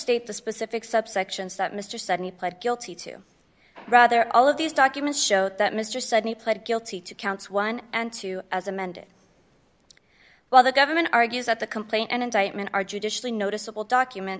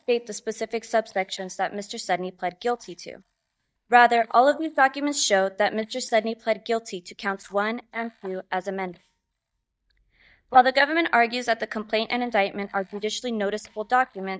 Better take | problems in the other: first | noise reduction (neural mask model DeepFilterNet 3)

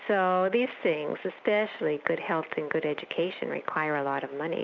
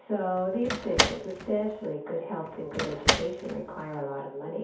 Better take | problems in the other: first | background sound (Slam); 1 dB above the speech // room echo; dies away in 0.6 s

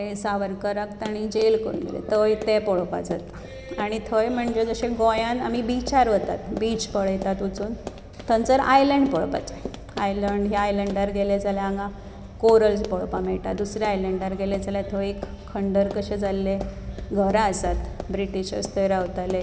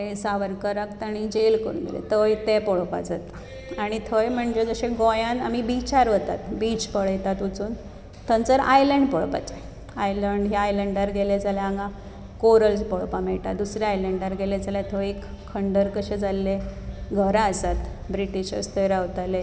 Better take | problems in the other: second | background sound (Run); 18 dB below the speech

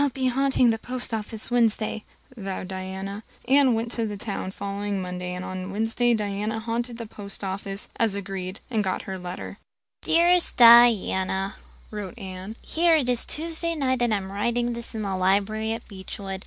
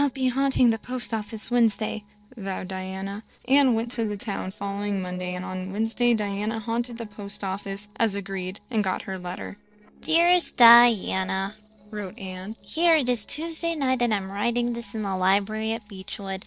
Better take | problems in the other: first | noise reduction (neural separator model SepFormer DNS4)

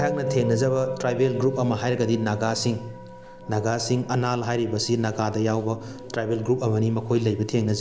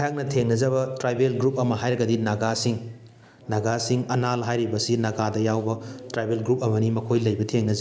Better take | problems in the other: second | background sound (Musical instrument); 13 dB below the speech

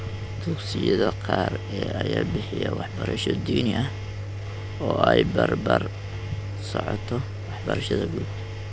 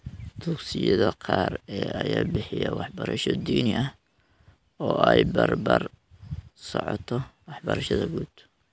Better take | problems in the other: second | background sound (Engine); 6 dB below the speech

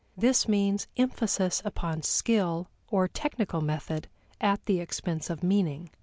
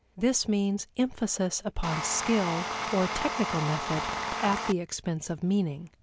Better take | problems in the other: first | background sound (Tools); 3 dB below the speech

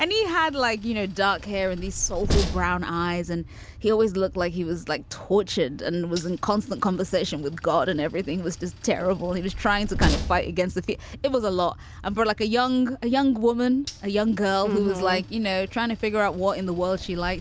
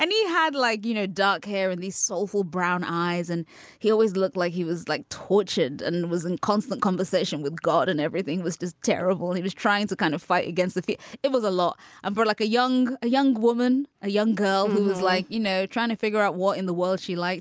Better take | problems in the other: second | background sound (Train); 10 dB below the speech

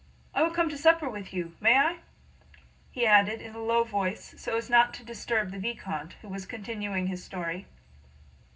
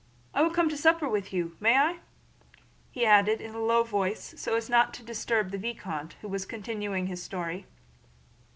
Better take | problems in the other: second | room echo; dies away in 0.4 s

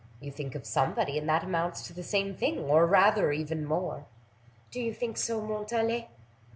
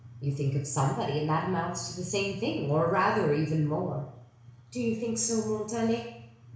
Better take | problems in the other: first | room echo; dies away in 0.7 s

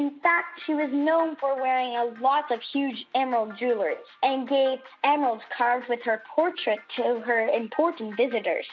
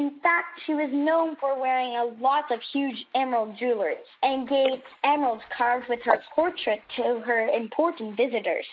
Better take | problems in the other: first | noise reduction (neural mask model Resemble Enhance denoiser)

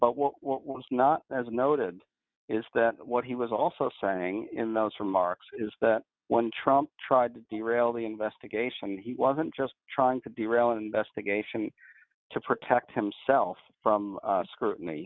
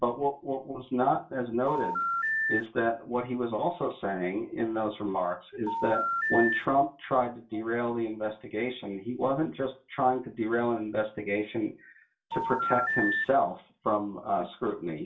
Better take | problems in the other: first | background sound (Telephone); as loud as the speech // room echo; dies away in 0.2 s

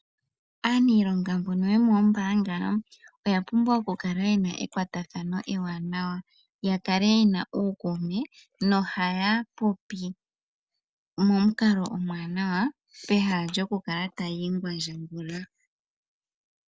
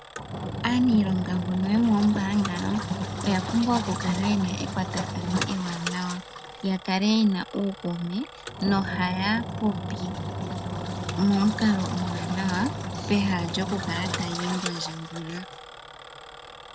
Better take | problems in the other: first | background sound (Engine); 6 dB below the speech

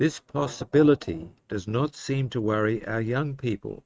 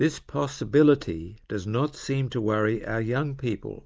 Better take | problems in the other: second | noise reduction (neural mask model RNNoise)

